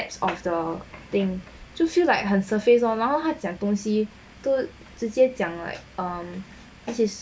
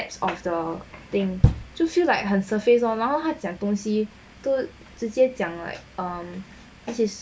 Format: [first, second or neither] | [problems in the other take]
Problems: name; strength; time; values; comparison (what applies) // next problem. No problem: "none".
first | background sound (Knock); 1 dB above the speech